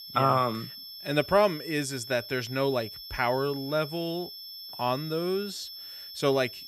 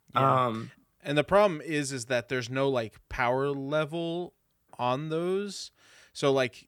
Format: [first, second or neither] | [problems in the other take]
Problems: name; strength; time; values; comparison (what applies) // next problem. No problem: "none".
second | high-pitched whine; noticeable; throughout; 5.5 kHz, 10 dB below the speech